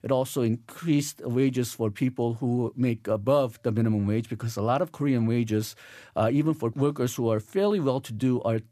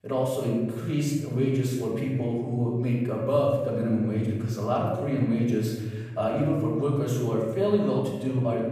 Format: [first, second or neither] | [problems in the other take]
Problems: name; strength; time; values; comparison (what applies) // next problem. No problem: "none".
first | off-mic speech; far // room echo; noticeable; dies away in 1.4 s